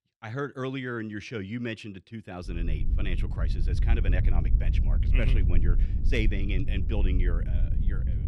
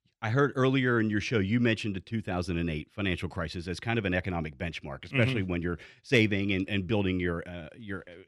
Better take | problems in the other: second | wind noise on the microphone; heavy; from 2.5 s on; 9 dB below the speech

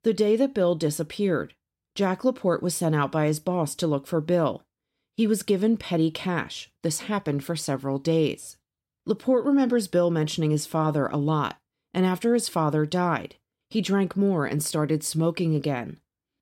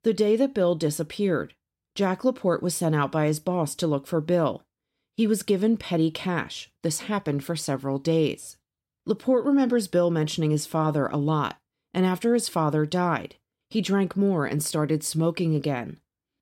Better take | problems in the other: neither | none

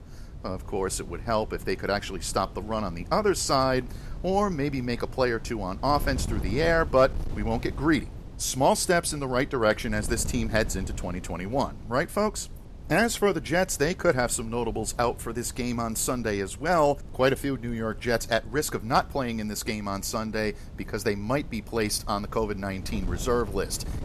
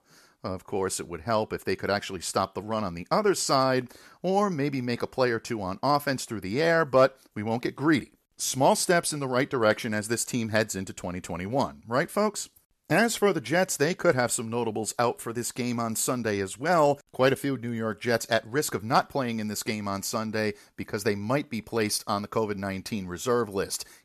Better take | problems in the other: second | wind noise on the microphone; occasional gusts; 20 dB below the speech

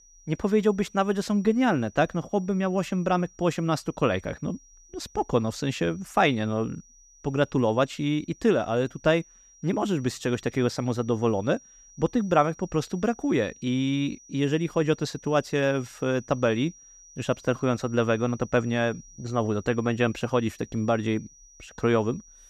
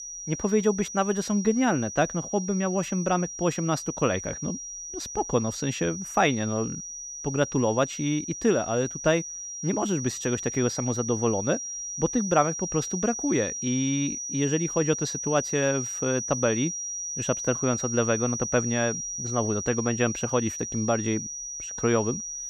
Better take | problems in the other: first | high-pitched whine; loud; throughout; 6 kHz, 5 dB below the speech; faint in the first

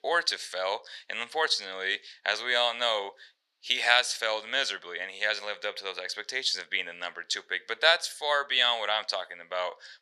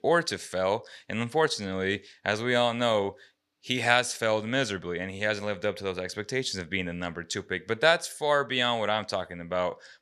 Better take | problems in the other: second | thin; very; fading below 700 Hz

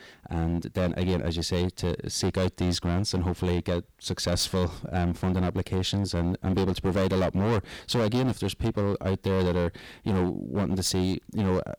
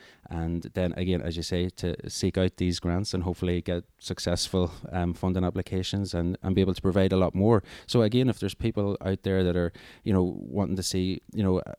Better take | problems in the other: second | distortion; heavy; 16% of the sound clipped

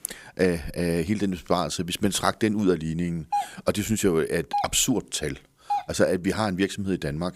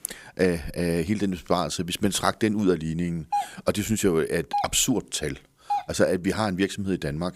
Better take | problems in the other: neither | doorbell; noticeable; from 3.5 to 6 s; peak 4 dB below the speech; the same in both

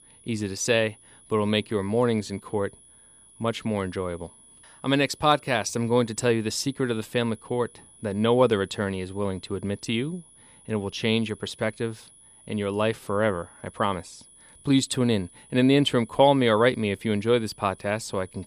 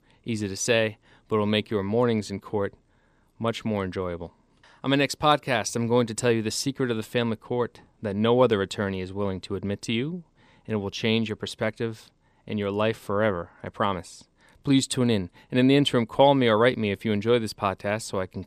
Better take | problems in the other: second | high-pitched whine; faint; throughout; 10.5 kHz, 25 dB below the speech

